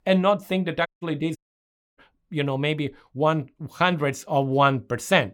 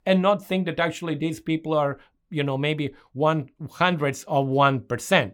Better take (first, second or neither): second